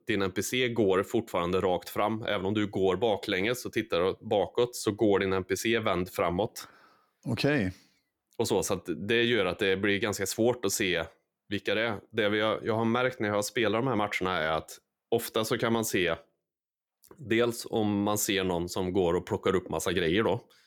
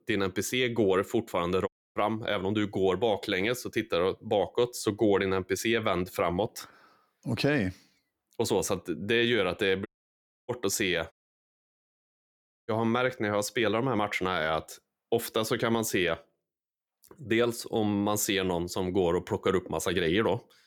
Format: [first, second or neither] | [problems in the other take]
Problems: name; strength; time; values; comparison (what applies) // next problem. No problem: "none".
first | audio cutting out; at 1.5 s, at 10 s for 0.5 s and at 11 s for 1.5 s